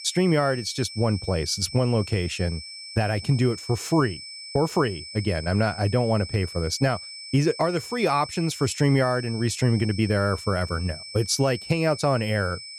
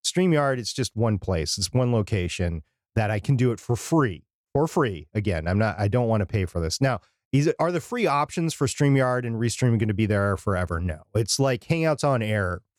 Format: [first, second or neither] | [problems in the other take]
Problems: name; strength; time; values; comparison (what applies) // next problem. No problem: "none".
second | high-pitched whine; noticeable; throughout; 5.5 kHz, 10 dB below the speech